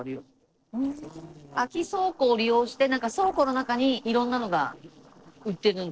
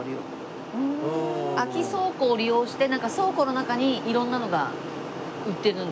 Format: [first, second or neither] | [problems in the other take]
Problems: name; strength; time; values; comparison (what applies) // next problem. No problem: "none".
second | noise reduction (neural separator model SepFormer DNS4)